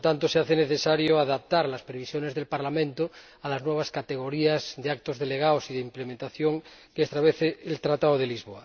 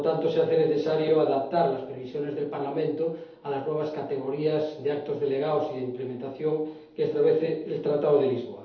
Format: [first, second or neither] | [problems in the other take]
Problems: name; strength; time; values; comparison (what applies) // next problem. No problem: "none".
first | room echo; dies away in 2.2 s